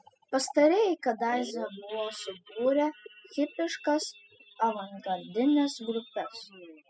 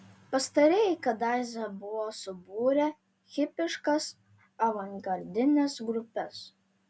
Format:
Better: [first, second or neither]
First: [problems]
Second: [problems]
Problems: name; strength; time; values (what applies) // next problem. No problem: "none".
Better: second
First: noise reduction (classical method spectral subtraction)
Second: none